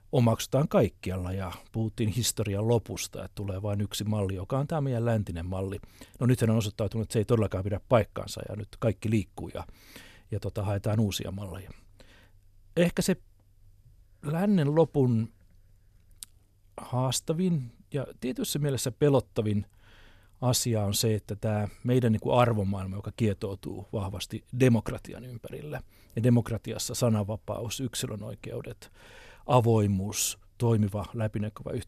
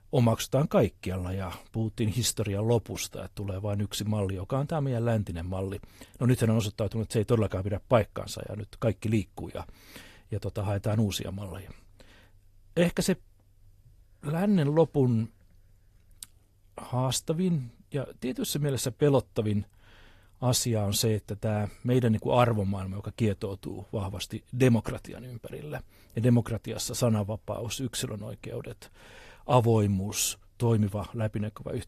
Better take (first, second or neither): first